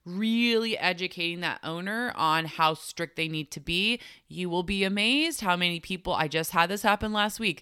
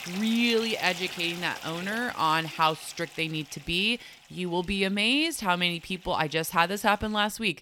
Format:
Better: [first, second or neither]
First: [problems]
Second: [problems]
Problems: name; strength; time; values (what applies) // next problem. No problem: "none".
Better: first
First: none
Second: household noises; noticeable; throughout; 15 dB below the speech